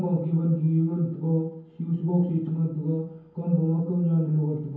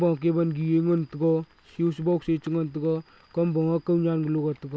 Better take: second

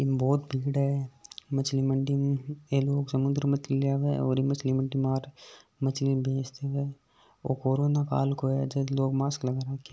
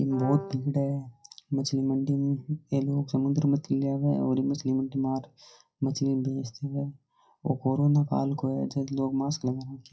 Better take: first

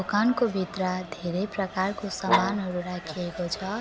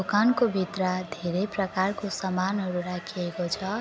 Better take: second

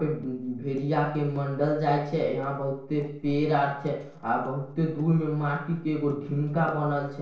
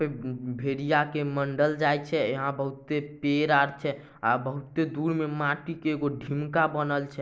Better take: second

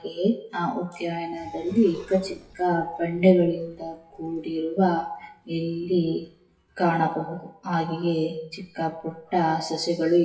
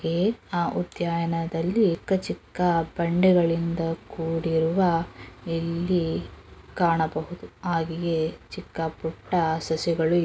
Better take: second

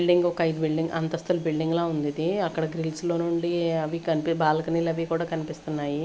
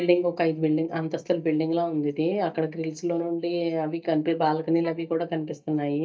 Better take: first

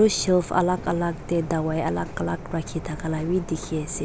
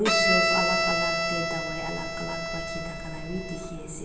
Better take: first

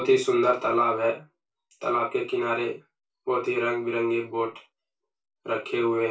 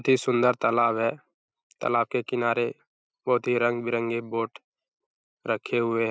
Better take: second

